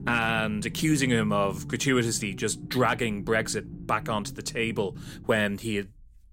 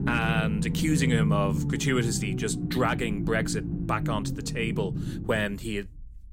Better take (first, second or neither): first